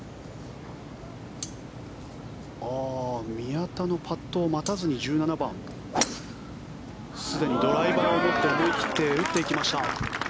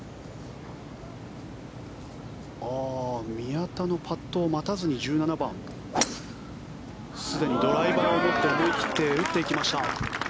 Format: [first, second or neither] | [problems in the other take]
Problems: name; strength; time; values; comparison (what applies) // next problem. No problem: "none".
second | background sound (Cutlery, silverware); 16 dB below the speech